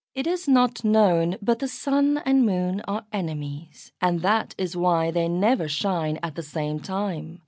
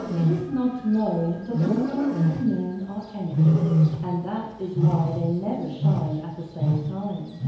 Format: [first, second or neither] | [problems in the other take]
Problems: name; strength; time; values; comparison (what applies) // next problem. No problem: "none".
first | background sound (Wild animals); 3 dB above the speech // room echo; dies away in 1 s